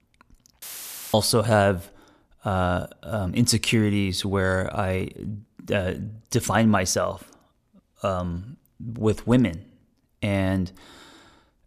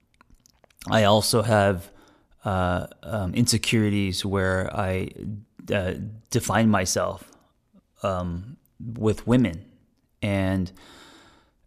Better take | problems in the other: second | audio cutting out; filled with static; at 0.5 s for 0.5 s

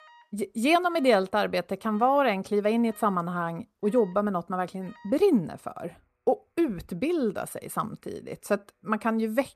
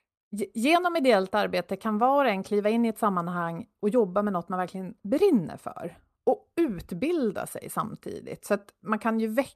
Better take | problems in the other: second | alarms or sirens; faint; throughout; 30 dB below the speech

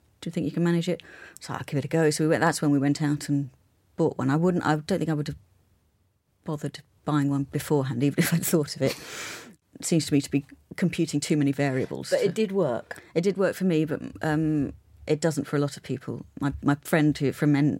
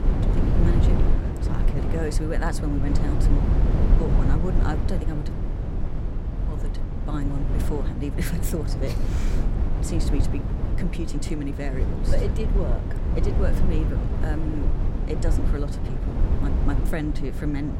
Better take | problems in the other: first | low rumble; loud; throughout; 1 dB below the speech

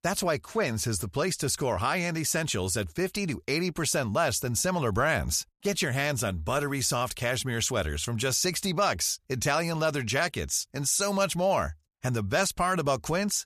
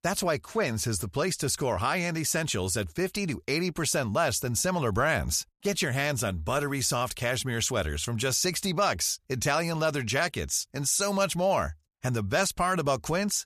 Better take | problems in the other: neither | none

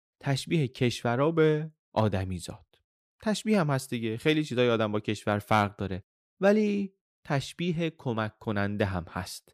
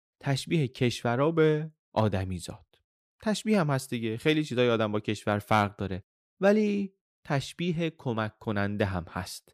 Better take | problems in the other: neither | none

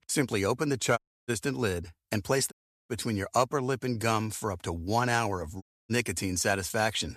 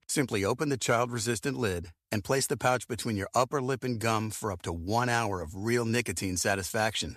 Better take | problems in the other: second | audio cutting out; at 1 s, at 2.5 s and at 5.5 s

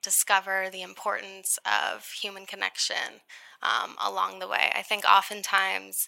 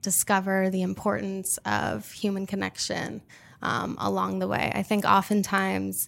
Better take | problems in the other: second | thin; very; fading below 900 Hz

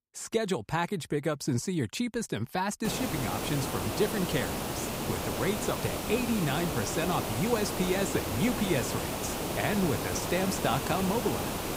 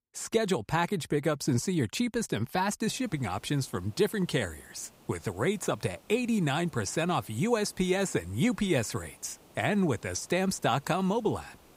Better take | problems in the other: second | hiss; loud; from 3 s on; 2 dB below the speech; faint in the second

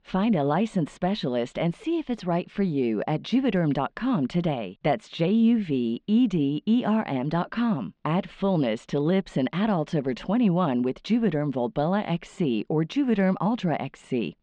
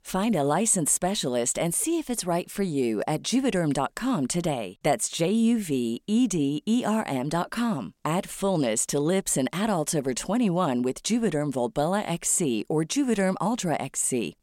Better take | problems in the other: second | muffled; very; fading above 3.5 kHz

